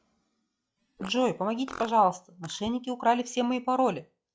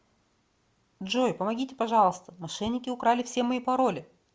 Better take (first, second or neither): second